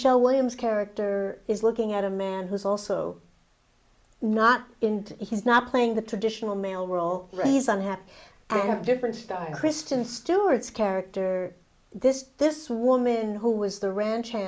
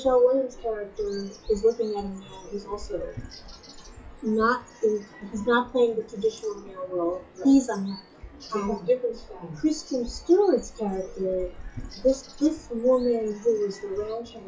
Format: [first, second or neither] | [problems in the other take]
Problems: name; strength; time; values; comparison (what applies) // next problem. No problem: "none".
first | noise reduction (classical method WPE with log-MMSE)